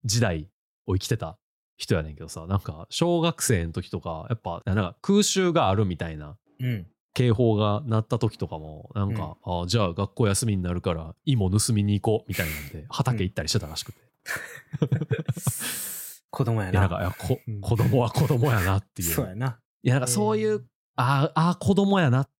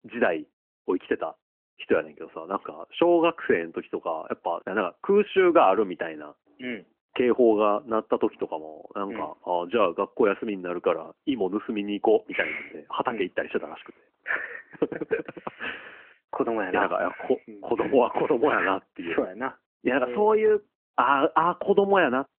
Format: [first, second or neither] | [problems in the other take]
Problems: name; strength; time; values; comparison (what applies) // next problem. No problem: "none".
first | phone-call audio; nothing above 3 kHz